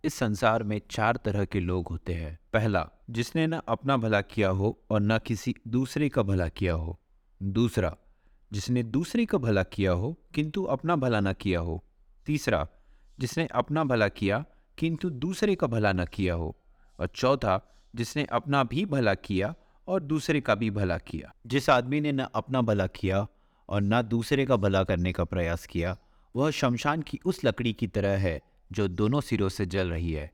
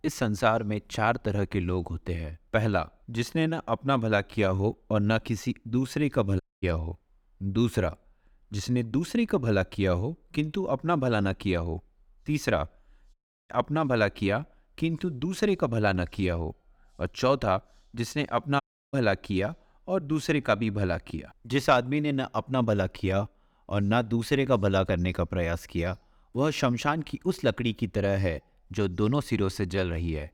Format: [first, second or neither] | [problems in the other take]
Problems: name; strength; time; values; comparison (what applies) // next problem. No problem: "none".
first | audio cutting out; at 6.5 s, at 13 s and at 19 s